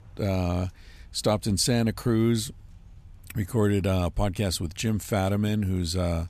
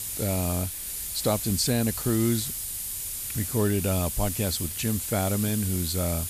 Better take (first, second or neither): first